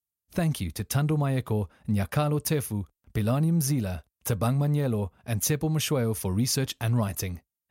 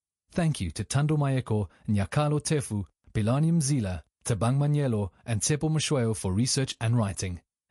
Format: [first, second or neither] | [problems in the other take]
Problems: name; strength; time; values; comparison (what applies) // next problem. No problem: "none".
first | garbled, watery; slightly; nothing above 11 kHz